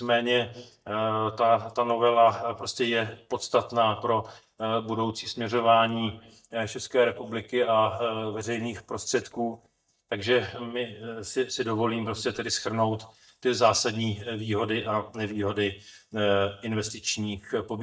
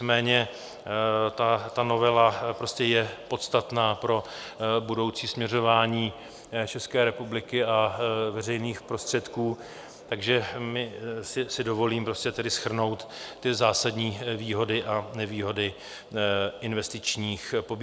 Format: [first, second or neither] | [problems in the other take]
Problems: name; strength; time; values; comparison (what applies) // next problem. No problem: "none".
second | noise reduction (neural mask model DeepFilterNet 3)